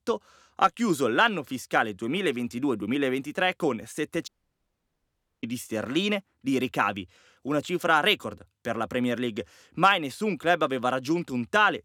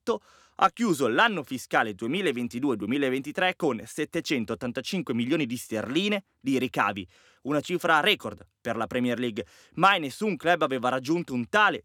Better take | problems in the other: second | audio cutting out; at 4.5 s for 1 s

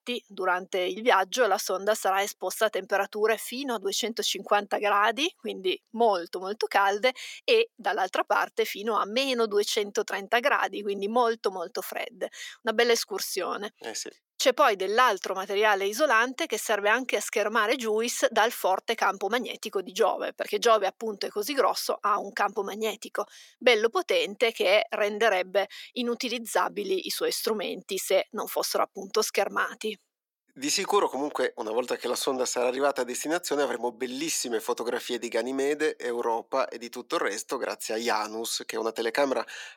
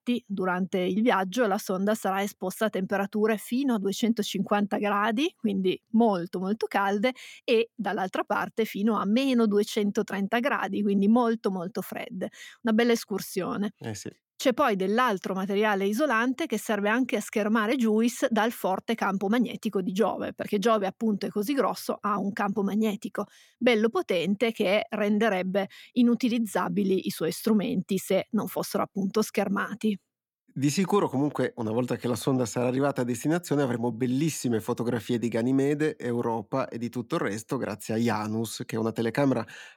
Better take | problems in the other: second | thin; very; fading below 400 Hz

